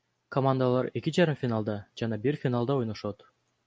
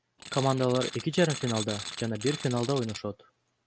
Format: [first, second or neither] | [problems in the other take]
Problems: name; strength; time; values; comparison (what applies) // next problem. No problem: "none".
first | background sound (Tools); 10 dB below the speech